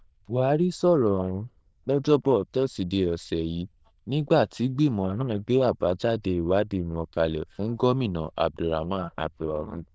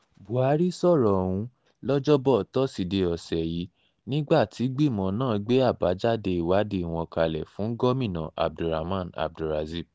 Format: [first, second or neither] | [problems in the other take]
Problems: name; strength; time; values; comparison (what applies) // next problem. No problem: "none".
second | noise reduction (neural diffusion model UNIVERSE++)